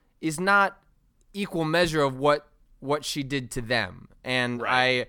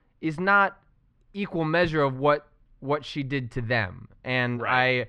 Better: first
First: none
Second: muffled; slightly; fading above 2.5 kHz

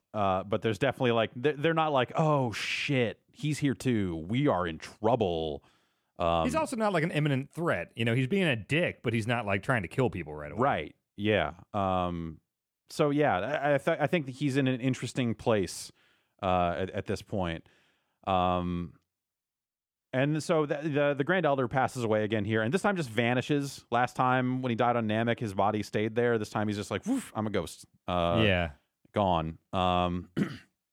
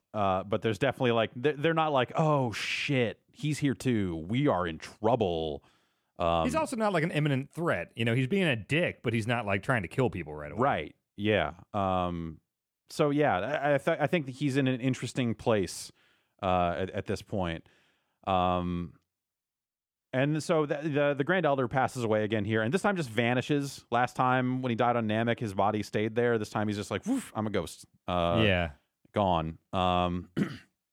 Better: neither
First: none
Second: none

